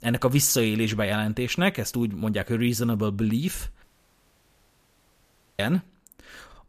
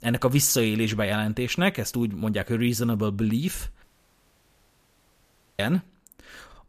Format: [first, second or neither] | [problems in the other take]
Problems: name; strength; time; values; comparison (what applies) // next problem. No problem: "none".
neither | audio cutting out; at 4 s for 2 s; the same in both